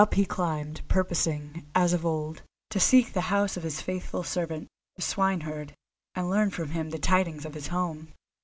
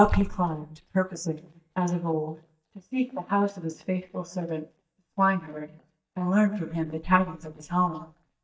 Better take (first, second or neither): first